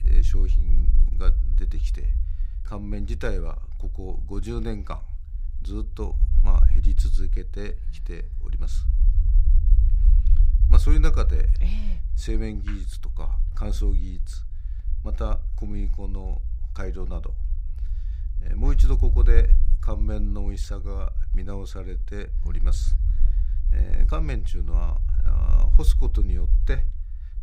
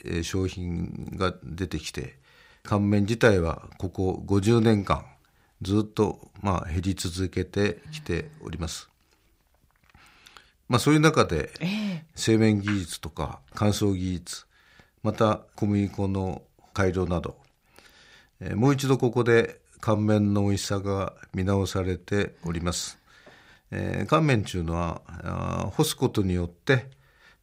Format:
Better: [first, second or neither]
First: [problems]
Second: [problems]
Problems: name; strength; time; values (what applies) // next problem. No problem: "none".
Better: second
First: low rumble; loud; throughout; 9 dB below the speech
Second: none